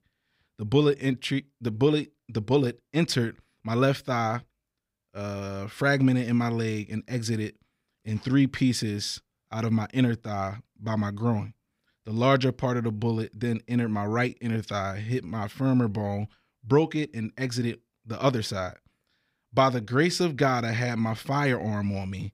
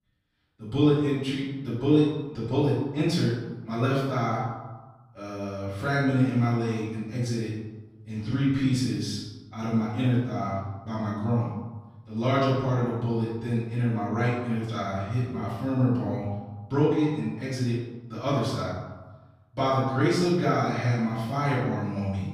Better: first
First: none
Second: room echo; noticeable; dies away in 1.1 s // off-mic speech; far

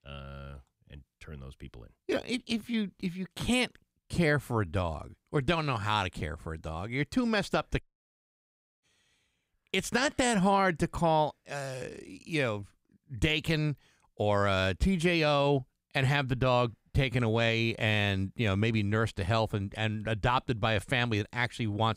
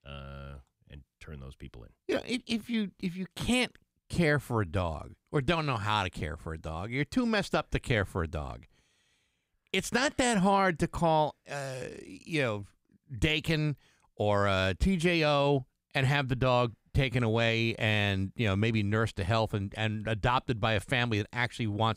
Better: second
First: audio cutting out; at 8 s for 1 s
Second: none

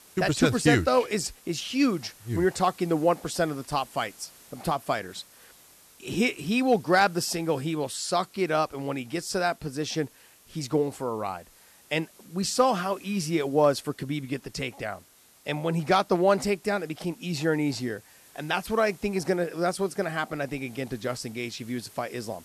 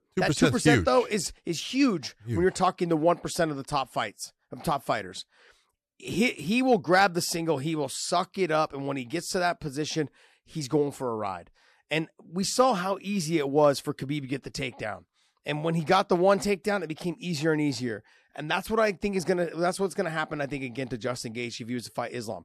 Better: second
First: hiss; faint; throughout; 25 dB below the speech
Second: none

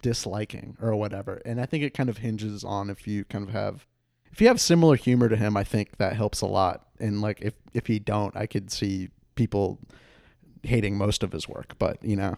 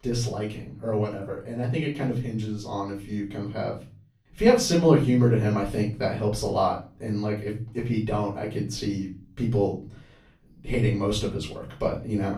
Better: first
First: none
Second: off-mic speech; far // room echo; slight; dies away in 0.3 s

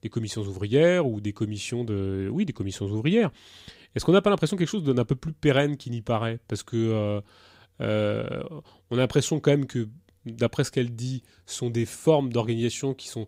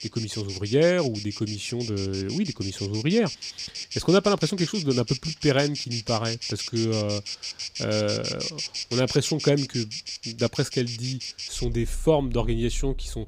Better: first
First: none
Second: animal sounds; loud; throughout; 7 dB below the speech

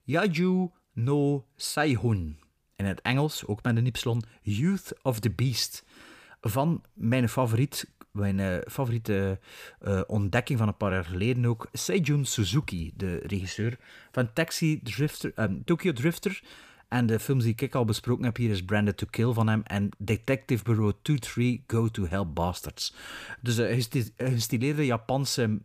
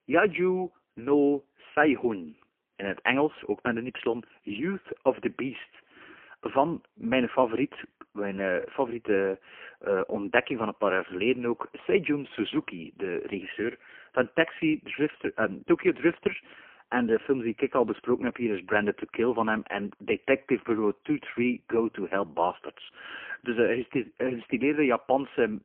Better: first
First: none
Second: phone-call audio; poor line; nothing above 3 kHz

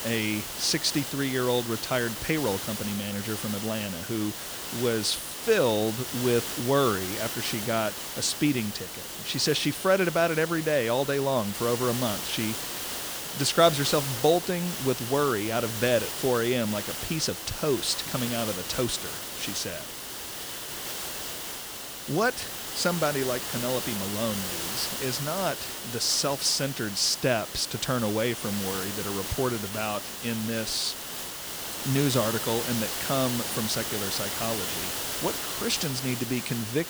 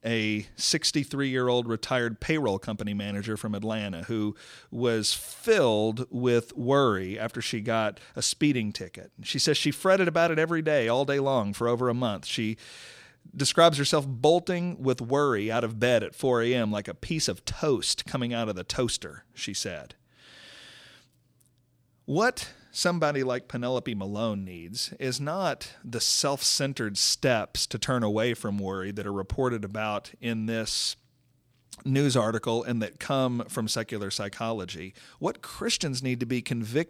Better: second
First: hiss; loud; throughout; 4 dB below the speech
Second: none

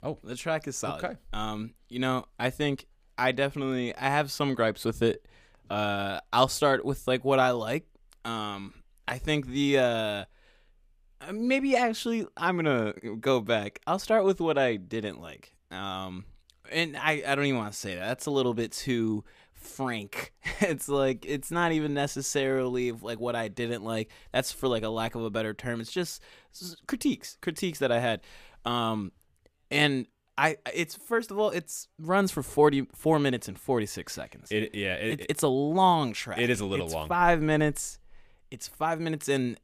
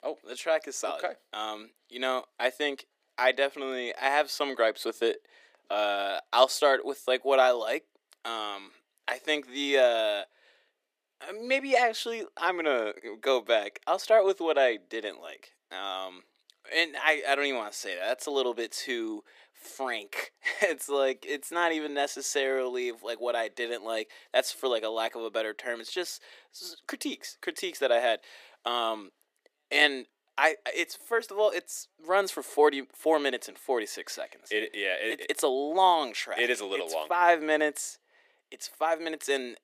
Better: first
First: none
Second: thin; somewhat; fading below 350 Hz

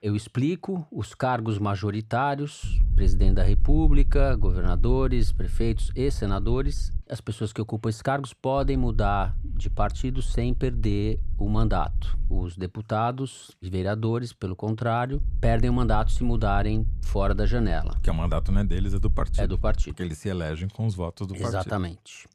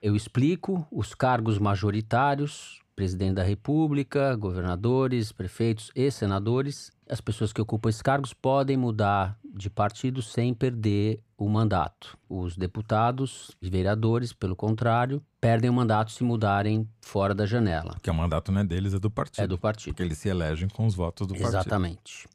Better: second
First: low rumble; faint; from 2.5 to 7 s, from 8.5 to 12 s and from 15 to 20 s; 20 dB below the speech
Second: none

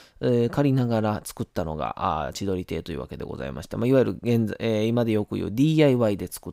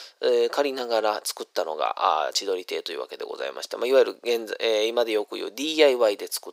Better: first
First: none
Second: thin; very; fading below 400 Hz

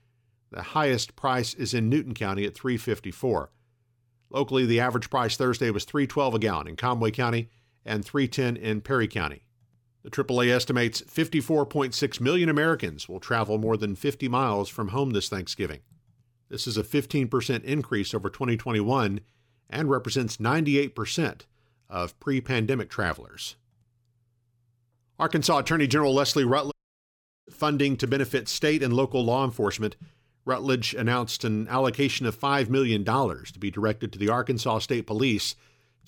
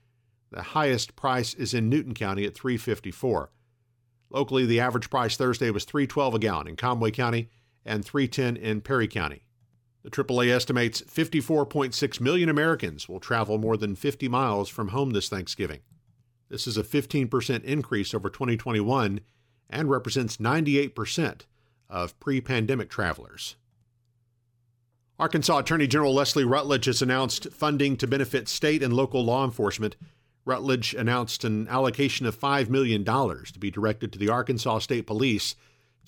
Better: second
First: audio cutting out; at 27 s for 1 s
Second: none

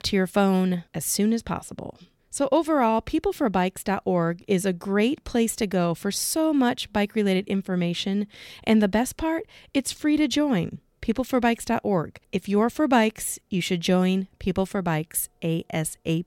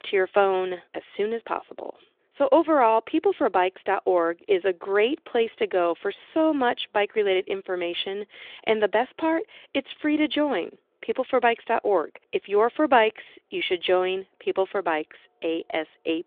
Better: first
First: none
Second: phone-call audio; nothing above 3.5 kHz

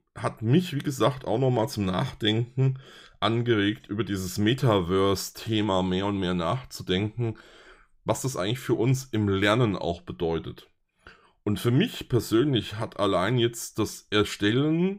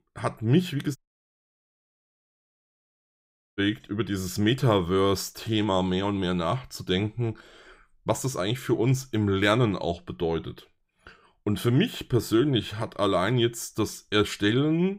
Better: first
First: none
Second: audio cutting out; at 1 s for 2.5 s

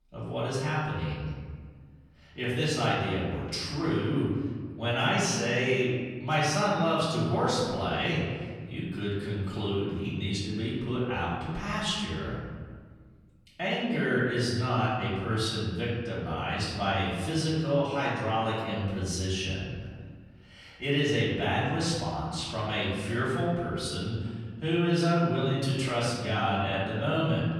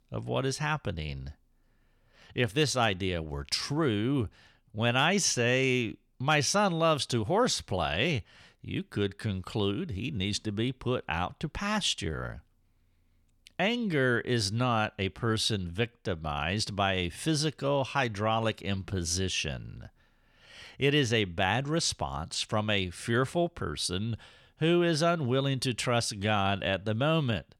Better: second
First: room echo; strong; dies away in 1.7 s // off-mic speech; far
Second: none

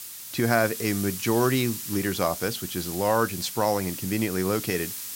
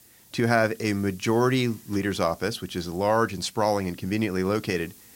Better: second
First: hiss; loud; throughout; 7 dB below the speech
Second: hiss; faint; throughout; 25 dB below the speech

